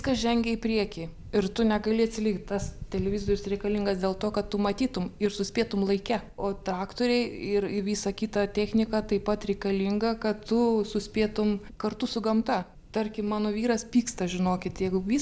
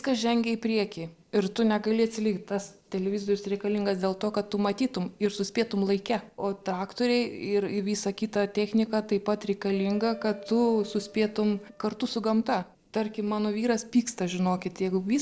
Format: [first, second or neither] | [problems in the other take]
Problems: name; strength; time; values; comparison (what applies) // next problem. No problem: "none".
first | noise reduction (neural separator model SepFormer DNS4)